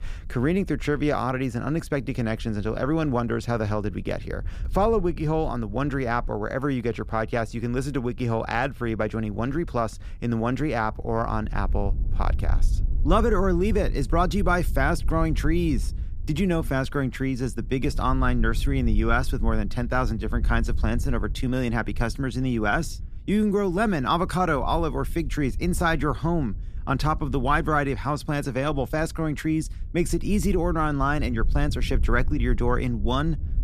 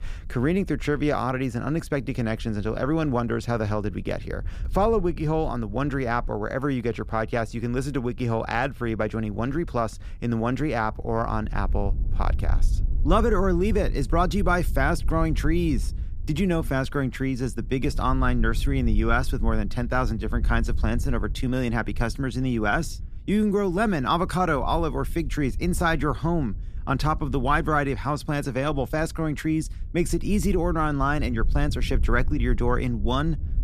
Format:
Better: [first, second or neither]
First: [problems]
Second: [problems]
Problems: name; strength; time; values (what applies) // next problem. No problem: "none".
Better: neither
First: low rumble; faint; throughout; 25 dB below the speech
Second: low rumble; faint; throughout; 25 dB below the speech